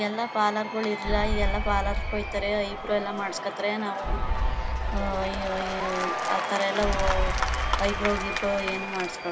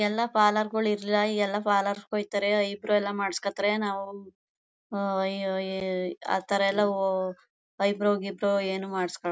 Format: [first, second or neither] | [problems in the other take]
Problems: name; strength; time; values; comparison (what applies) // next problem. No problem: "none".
second | background sound (Applause / Crowd / Cheering + Boom); 1 dB above the speech